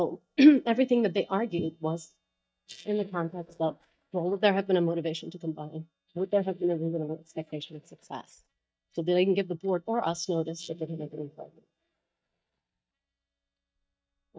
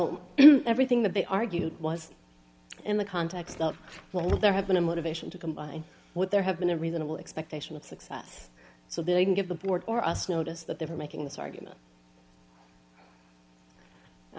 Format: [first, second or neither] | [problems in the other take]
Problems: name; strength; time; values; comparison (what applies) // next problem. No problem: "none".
second | noise reduction (neural mask model DeepFilterNet 3)